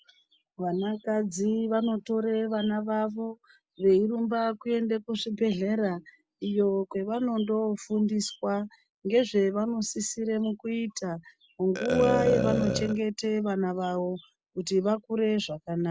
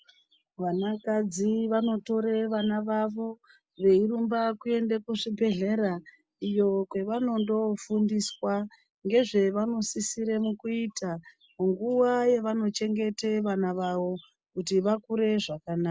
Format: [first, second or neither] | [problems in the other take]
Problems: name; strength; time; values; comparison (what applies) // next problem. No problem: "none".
second | background sound (Burping, eructation); 3 dB below the speech